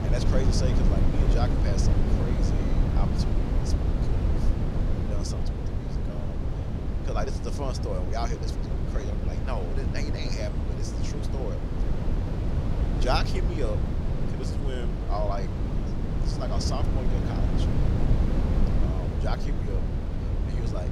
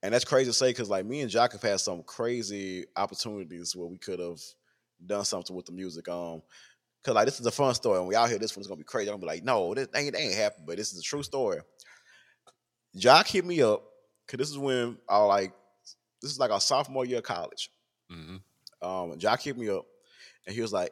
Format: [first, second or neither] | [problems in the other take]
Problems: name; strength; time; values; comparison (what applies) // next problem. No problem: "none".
second | wind noise on the microphone; heavy; 1 dB below the speech